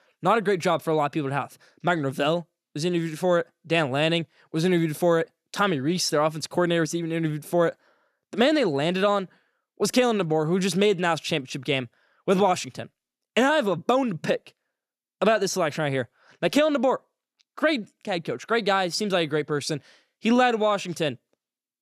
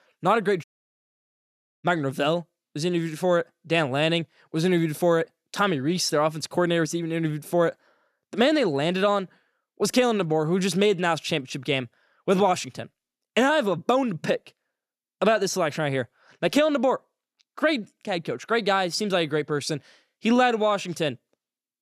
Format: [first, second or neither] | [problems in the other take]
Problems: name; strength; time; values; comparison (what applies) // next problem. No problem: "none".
first | audio cutting out; at 0.5 s for 1 s